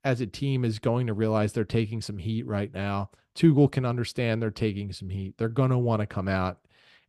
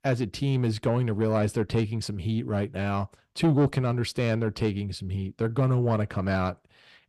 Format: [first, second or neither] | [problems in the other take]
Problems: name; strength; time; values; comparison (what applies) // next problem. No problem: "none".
first | distortion; slight; 10 dB below the speech